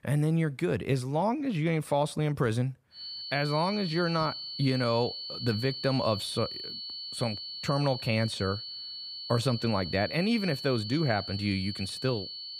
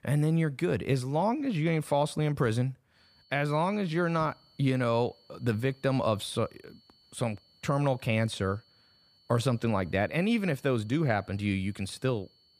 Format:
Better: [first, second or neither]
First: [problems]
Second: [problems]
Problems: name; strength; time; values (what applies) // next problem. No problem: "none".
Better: second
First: high-pitched whine; loud; from 3 s on; 4.5 kHz, 7 dB below the speech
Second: high-pitched whine; faint; from 3 s on; 4.5 kHz, 30 dB below the speech